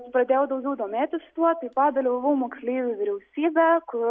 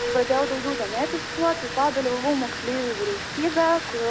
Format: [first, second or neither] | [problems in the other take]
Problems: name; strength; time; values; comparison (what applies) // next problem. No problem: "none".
first | background sound (Water + Piano); 6 dB below the speech